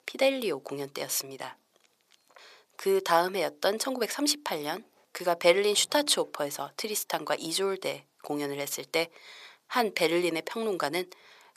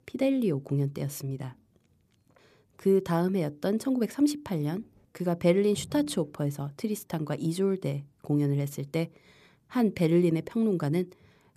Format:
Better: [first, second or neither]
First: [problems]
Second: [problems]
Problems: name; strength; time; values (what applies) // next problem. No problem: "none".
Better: second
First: thin; very; fading below 750 Hz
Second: none